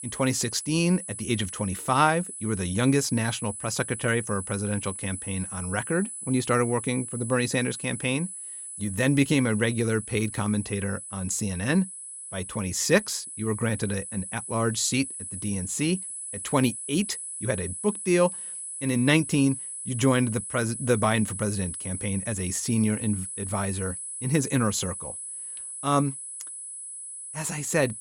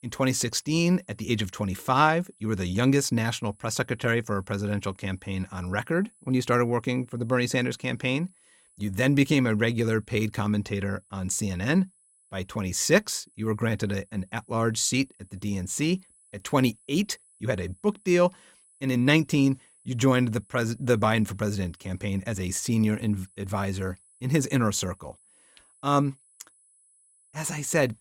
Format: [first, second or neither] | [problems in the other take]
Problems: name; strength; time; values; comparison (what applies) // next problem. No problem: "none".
second | high-pitched whine; loud; throughout; 10 kHz, 7 dB below the speech; faint in the second